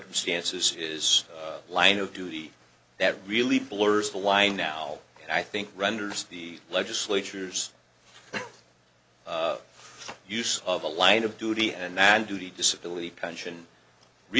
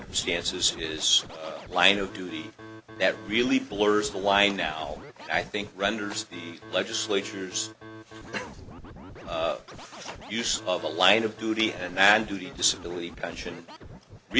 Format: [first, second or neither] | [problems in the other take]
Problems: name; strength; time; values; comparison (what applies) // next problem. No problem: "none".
first | background sound (Scratching (performance technique)); 16 dB below the speech